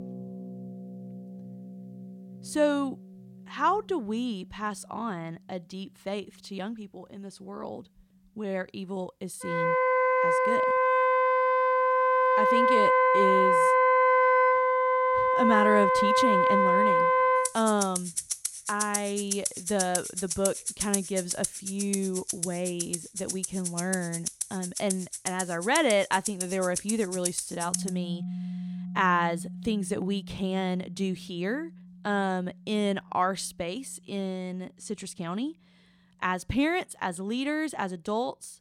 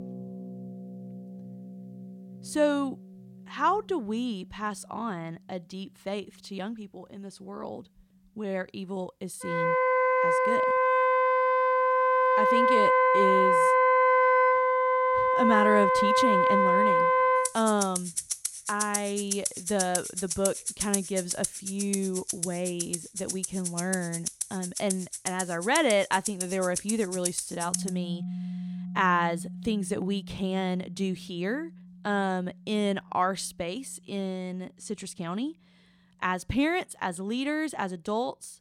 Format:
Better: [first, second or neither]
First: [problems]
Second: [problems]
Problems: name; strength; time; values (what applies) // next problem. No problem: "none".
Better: neither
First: background music; very loud; throughout; 5 dB above the speech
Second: background music; very loud; throughout; 5 dB above the speech